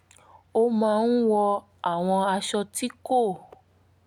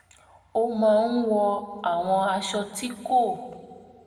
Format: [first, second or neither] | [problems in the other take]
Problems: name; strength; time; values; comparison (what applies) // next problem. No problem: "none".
first | room echo; dies away in 1.4 s